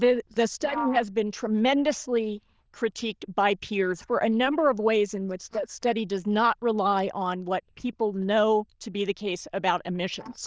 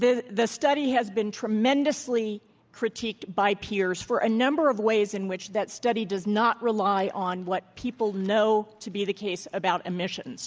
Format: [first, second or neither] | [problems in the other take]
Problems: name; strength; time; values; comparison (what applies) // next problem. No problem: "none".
second | noise reduction (neural diffusion model UNIVERSE++)